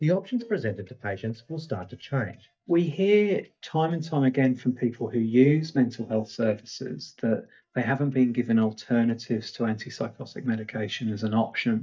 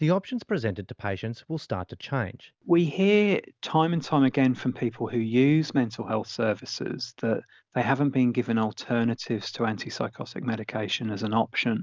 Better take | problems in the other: second | noise reduction (neural mask model DeepFilterNet 3)

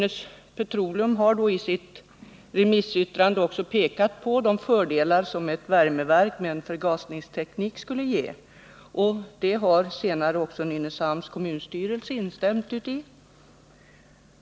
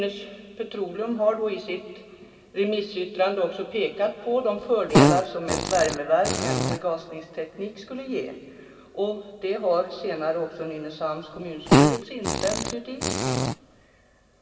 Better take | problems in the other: first | background sound (Fart); 4 dB above the speech // room echo; dies away in 2.3 s

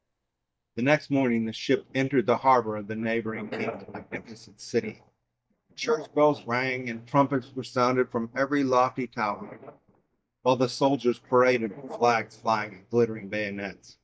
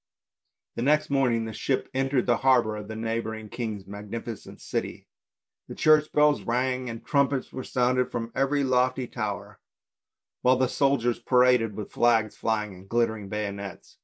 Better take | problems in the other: second | noise reduction (neural mask model DeepFilterNet 3)

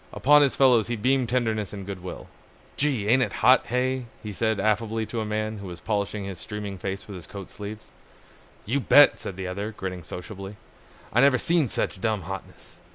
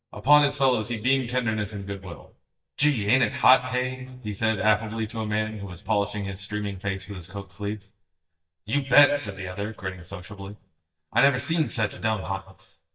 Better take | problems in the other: first | noise reduction (neural mask model DeepFilterNet 3)

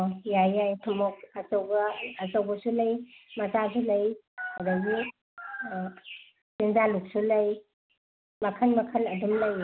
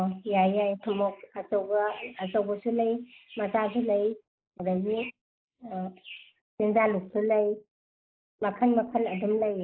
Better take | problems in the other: first | noise reduction (neural mask model Resemble Enhance denoiser)

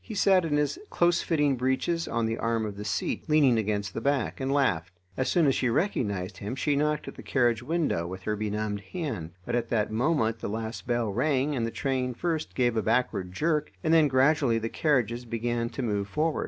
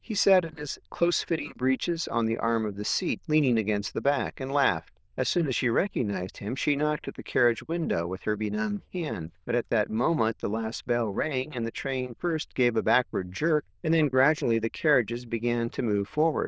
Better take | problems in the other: first | noise reduction (neural diffusion model UNIVERSE++)

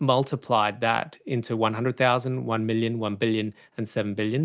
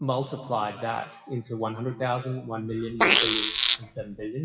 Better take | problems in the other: first | noise reduction (classical method WPE with log-MMSE)

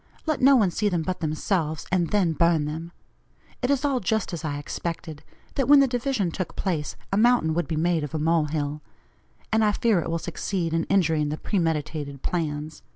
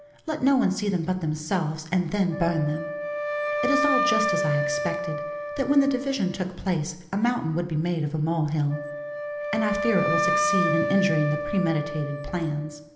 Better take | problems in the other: first | background sound (Wind instrument, woodwind instrument); 3 dB below the speech // room echo; dies away in 0.8 s

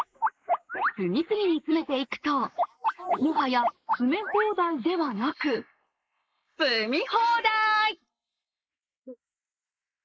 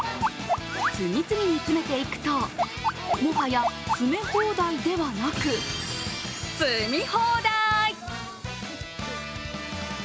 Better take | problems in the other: second | noise reduction (neural mask model Resemble Enhance denoiser)

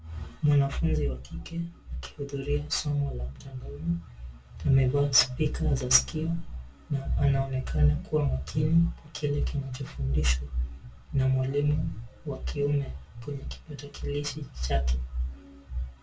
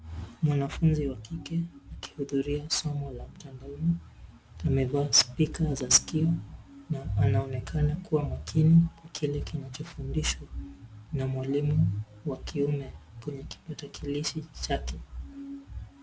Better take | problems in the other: second | room echo; dies away in 0.1 s

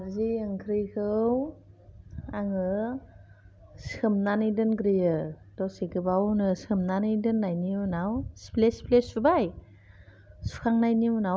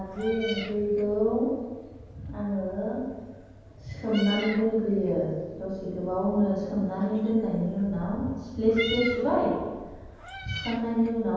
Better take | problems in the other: first | background sound (Meow); 14 dB below the speech // room echo; dies away in 1.2 s

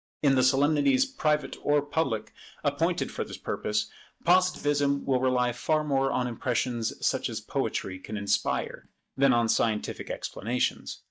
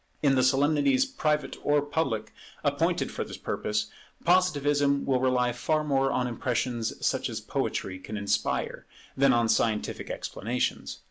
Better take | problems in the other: second | noise reduction (neural mask model DeepFilterNet 3)

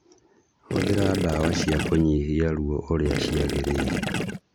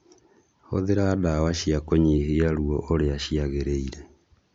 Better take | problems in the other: second | background sound (Gurgling / Liquid); 2 dB below the speech

